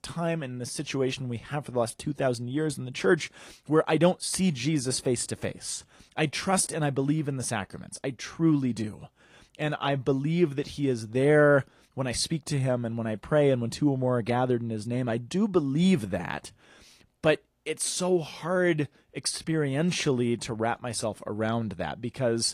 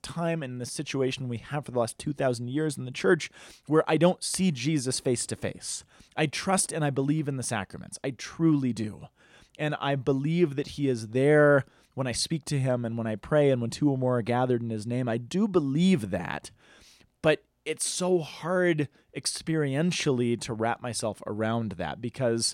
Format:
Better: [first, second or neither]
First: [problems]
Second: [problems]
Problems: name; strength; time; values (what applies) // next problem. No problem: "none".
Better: second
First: garbled, watery; slightly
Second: none